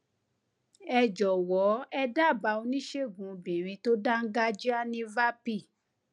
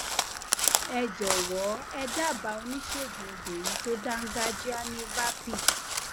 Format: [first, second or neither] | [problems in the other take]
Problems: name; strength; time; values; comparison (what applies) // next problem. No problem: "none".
first | background sound (Crow); 2 dB above the speech